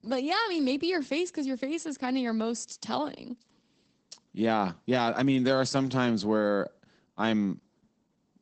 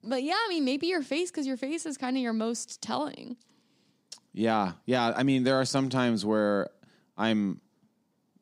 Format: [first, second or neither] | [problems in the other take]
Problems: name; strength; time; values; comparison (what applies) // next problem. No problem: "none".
second | garbled, watery; badly; nothing above 8 kHz